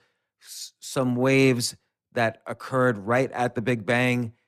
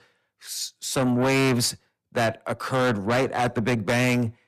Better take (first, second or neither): first